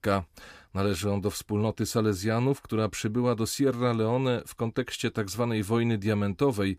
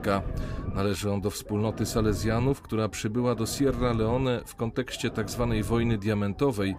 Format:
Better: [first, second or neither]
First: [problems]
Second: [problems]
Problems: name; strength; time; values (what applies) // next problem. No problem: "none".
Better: first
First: none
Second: low rumble; noticeable; throughout; 15 dB below the speech